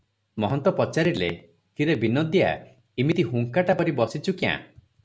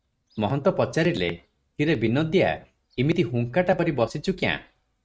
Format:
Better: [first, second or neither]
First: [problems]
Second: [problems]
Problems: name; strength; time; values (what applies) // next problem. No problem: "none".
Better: first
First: none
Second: noise reduction (neural mask model RNNoise)